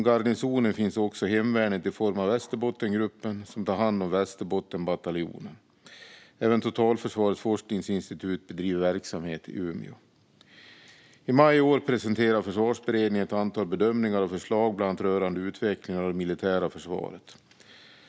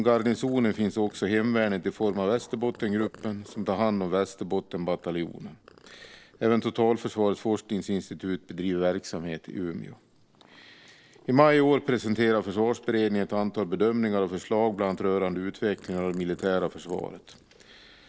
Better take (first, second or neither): first